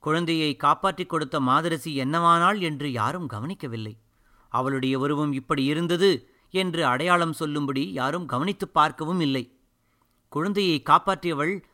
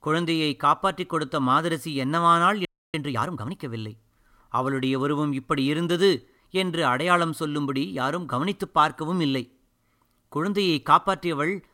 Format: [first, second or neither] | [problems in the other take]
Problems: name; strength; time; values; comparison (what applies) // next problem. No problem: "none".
first | audio freezing; at 2.5 s